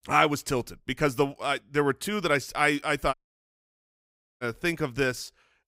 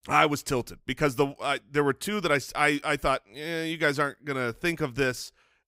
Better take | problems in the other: second | audio cutting out; at 3 s for 1.5 s

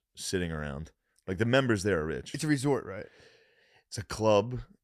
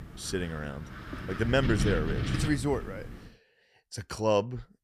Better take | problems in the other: first | wind noise on the microphone; heavy; until 3.5 s; 9 dB below the speech

